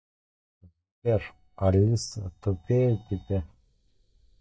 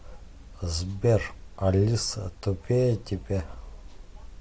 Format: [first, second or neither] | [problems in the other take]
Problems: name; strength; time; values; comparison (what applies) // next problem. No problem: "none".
second | noise reduction (neural mask model DeepFilterNet 3)